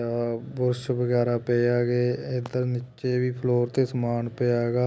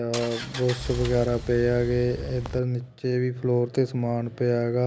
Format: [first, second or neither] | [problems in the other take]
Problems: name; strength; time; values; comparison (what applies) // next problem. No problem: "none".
first | background sound (Engine); 10 dB below the speech